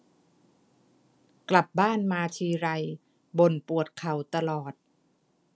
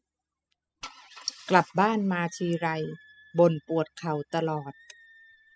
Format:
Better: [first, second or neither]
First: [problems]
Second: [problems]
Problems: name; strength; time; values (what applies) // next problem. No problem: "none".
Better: first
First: none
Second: noise reduction (classical method spectral subtraction)